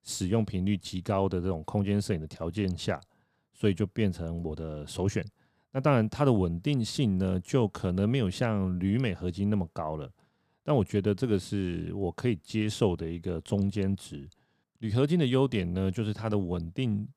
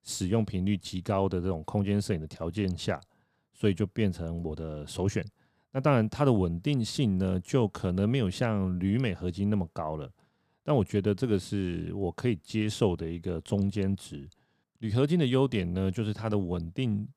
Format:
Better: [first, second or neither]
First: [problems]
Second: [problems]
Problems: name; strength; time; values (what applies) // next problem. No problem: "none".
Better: neither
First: none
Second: none